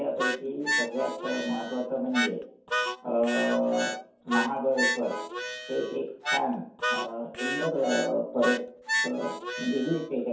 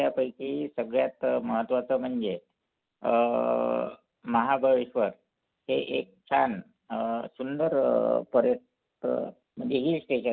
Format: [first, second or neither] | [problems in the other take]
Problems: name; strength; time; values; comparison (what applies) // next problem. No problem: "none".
second | background sound (Harmonica); 3 dB below the speech // room echo; dies away in 0.6 s